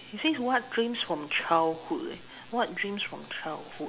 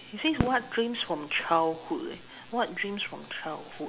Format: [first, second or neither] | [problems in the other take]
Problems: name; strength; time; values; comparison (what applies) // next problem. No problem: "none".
first | background sound (Fireworks); 10 dB below the speech